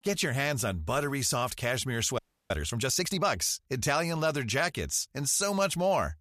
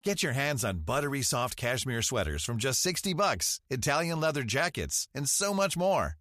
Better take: second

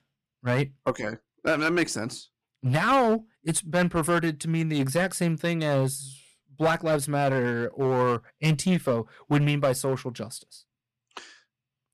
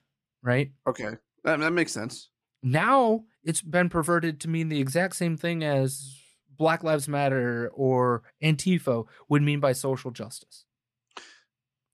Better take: second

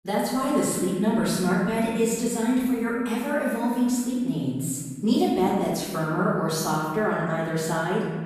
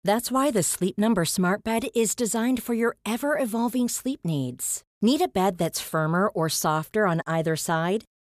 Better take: second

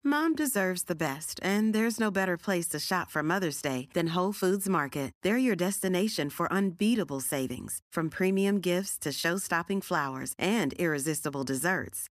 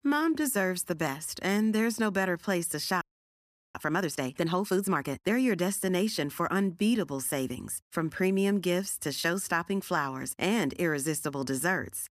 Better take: first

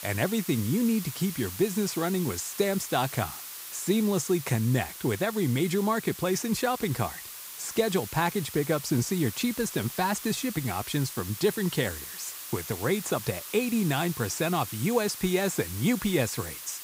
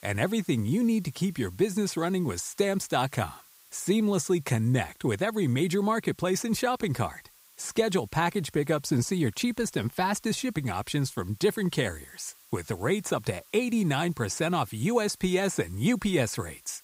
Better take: second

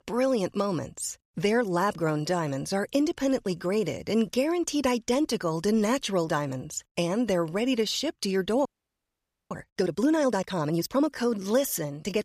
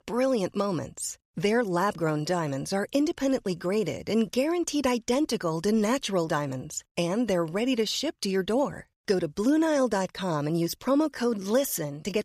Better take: second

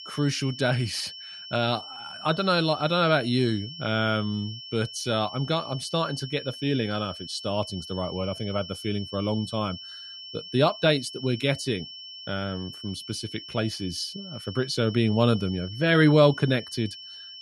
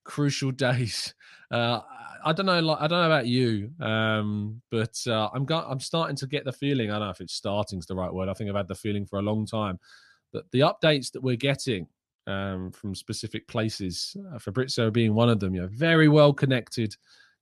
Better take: second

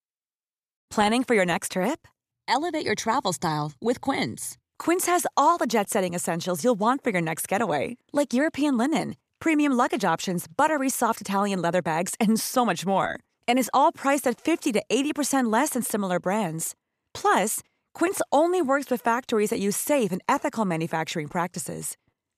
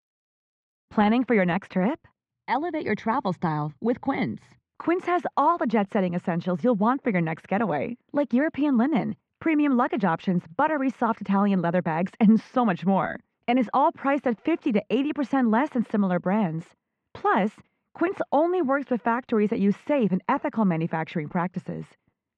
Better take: first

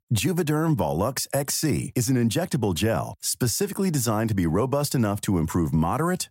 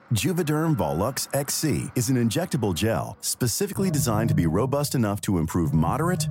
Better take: first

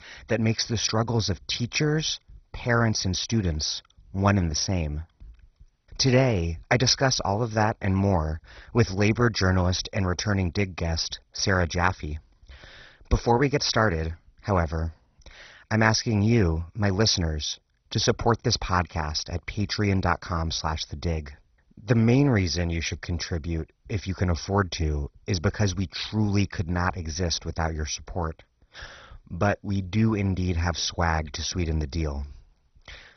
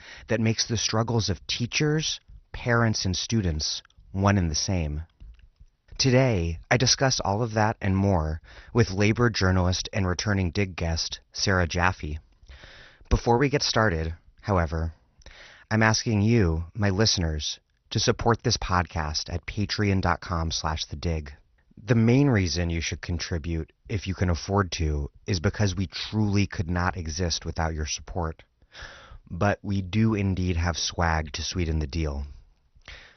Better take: second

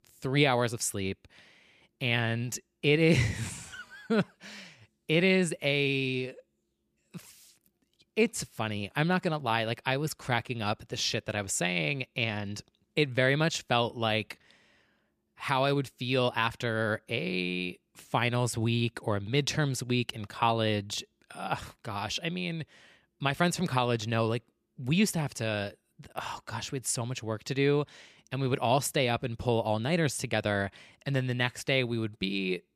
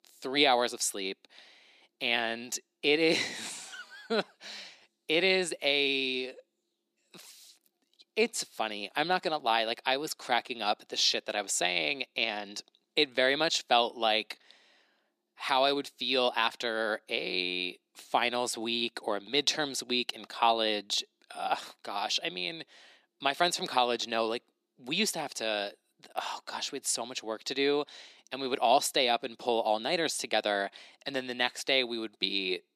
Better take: first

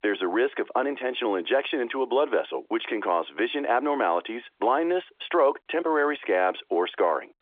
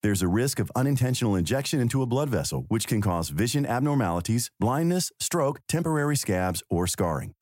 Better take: second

